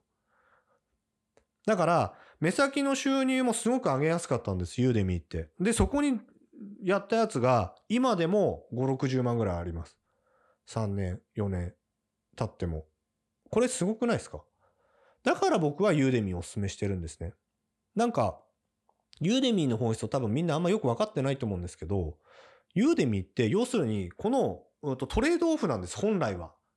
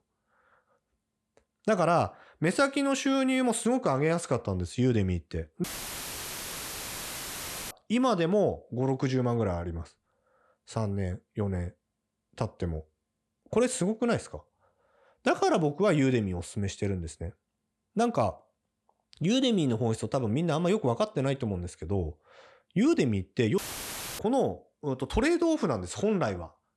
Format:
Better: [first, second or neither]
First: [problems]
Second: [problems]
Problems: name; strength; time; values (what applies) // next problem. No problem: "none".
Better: first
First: none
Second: audio cutting out; filled with static; at 5.5 s for 2 s and at 24 s for 0.5 s